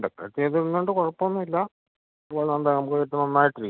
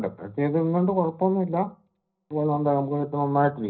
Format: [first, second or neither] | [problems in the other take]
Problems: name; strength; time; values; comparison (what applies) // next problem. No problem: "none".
first | room echo; dies away in 0.5 s